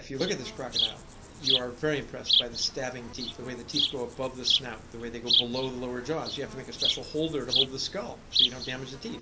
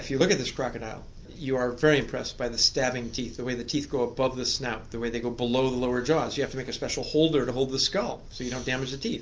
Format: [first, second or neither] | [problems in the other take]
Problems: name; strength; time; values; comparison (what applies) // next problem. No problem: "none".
second | background sound (Insect); 3 dB above the speech